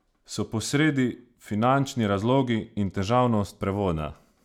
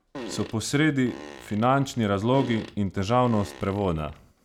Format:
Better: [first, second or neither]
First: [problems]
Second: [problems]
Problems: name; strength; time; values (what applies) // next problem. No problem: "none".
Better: first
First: none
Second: background sound (Fart); 16 dB below the speech